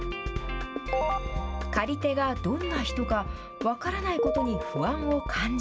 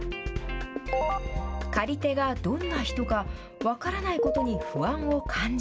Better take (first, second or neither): second